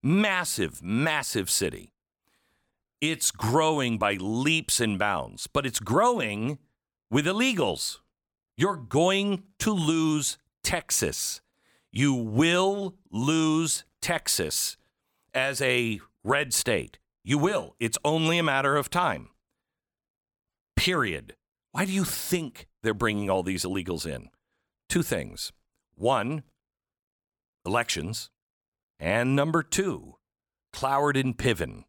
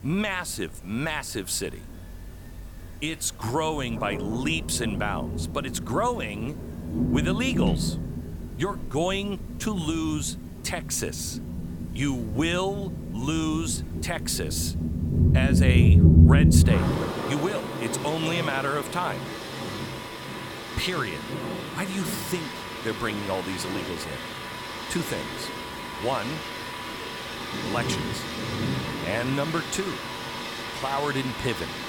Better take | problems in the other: first | rain or running water; very loud; throughout; 2 dB above the speech

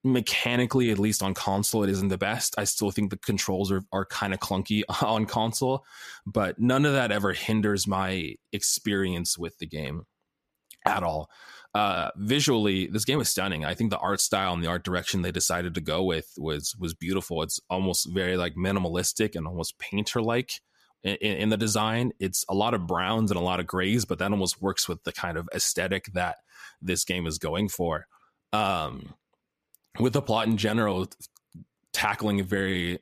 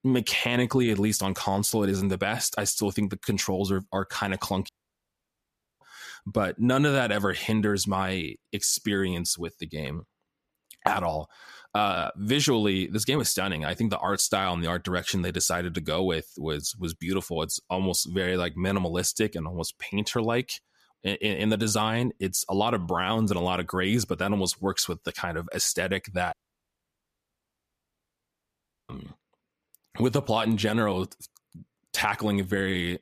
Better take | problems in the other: first | audio cutting out; at 4.5 s for 1 s and at 26 s for 2.5 s

